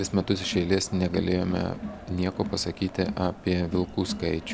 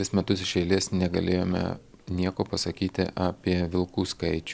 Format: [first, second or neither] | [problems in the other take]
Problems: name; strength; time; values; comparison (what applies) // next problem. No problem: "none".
second | background sound (Crowd); 11 dB below the speech